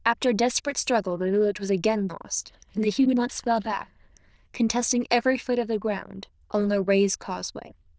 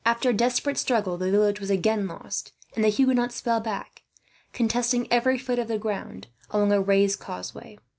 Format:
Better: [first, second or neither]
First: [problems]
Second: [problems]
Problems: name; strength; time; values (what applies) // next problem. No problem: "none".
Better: second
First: noise reduction (neural diffusion model UNIVERSE++)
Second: none